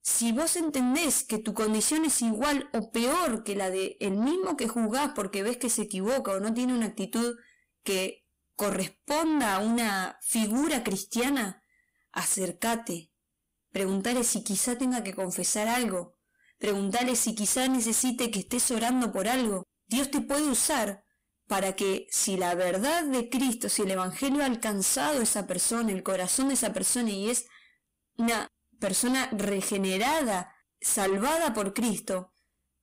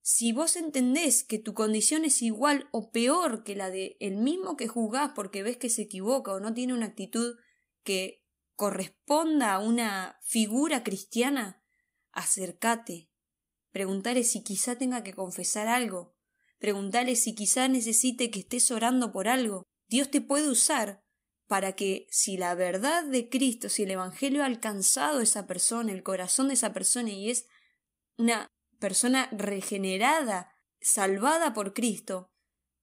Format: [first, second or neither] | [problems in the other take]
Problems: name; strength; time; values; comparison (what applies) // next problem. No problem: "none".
second | distortion; heavy; 7 dB below the speech